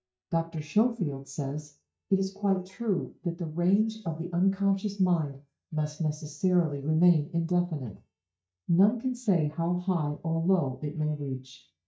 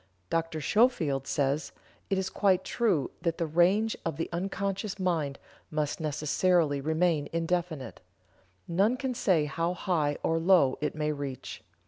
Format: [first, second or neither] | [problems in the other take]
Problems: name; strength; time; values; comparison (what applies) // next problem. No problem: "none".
second | noise reduction (neural mask model DeepFilterNet 3)